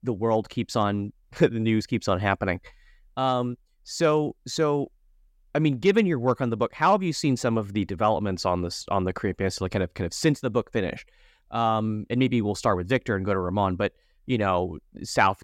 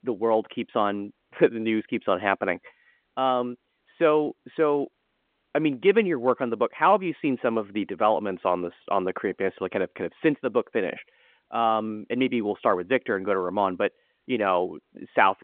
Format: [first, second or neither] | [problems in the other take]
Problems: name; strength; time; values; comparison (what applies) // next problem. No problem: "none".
first | phone-call audio; nothing above 3.5 kHz